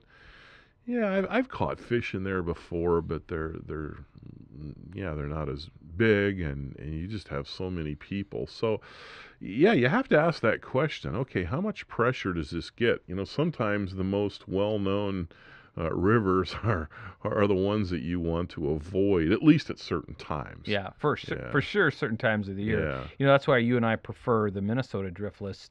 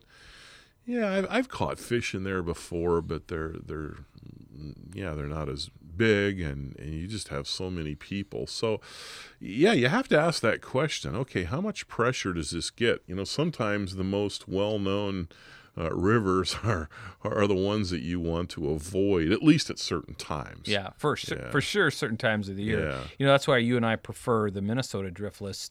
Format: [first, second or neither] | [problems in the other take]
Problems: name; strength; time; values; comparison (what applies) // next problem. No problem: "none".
second | muffled; slightly; fading above 2.5 kHz